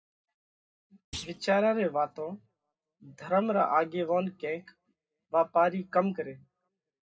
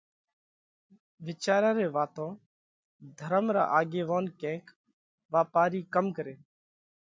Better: second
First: background sound (Thump, thud); 17 dB below the speech // room echo; dies away in 0.2 s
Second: none

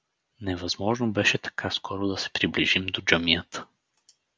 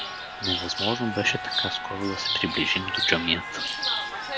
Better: first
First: none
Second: background sound (Chirp, tweet); 1 dB below the speech

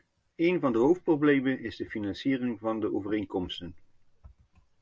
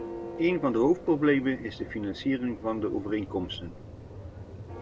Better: first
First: none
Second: background sound (Church bell); 13 dB below the speech

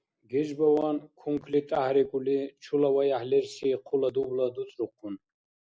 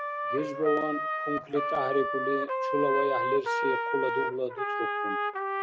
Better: first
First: none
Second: background sound (Trumpet); 1 dB above the speech

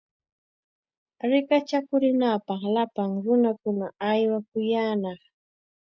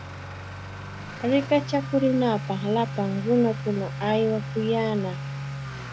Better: first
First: none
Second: background sound (Accelerating, revving, vroom / Motor vehicle (road)); 8 dB below the speech

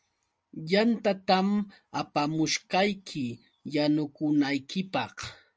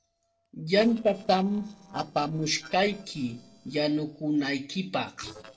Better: first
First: none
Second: noise reduction (neural separator model SepFormer DNS4)

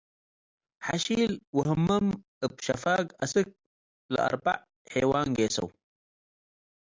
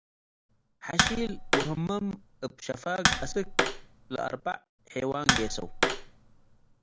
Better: first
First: none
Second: background sound (Tap); 3 dB above the speech

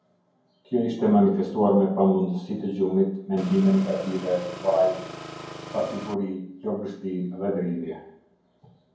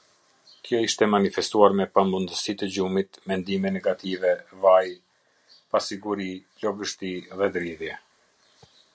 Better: second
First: background sound (Engine); 13 dB below the speech // room echo; dies away in 0.9 s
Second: none

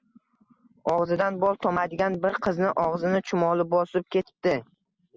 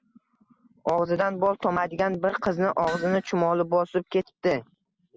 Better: first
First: none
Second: background sound (Hammer); 18 dB below the speech

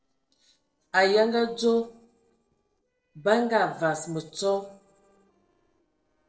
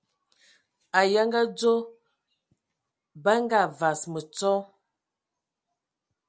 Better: second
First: noise reduction (neural separator model SepFormer DNS4)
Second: none

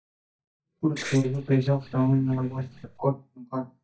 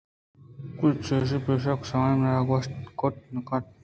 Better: second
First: noise reduction (neural mask model DeepFilterNet 3)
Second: none

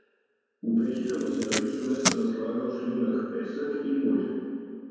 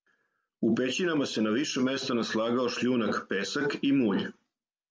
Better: second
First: background sound (Packing tape, duct tape); 4 dB below the speech // room echo; dies away in 2.2 s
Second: none

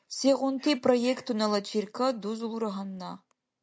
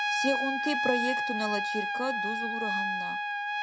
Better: first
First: none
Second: background sound (Trumpet); 3 dB above the speech

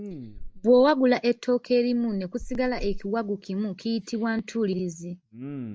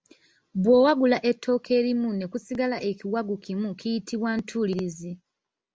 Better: second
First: noise reduction (neural mask model DeepFilterNet 3)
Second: none

